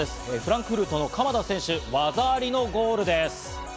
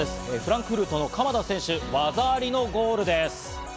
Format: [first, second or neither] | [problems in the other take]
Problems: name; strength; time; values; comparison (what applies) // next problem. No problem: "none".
first | background sound (Piano); 17 dB below the speech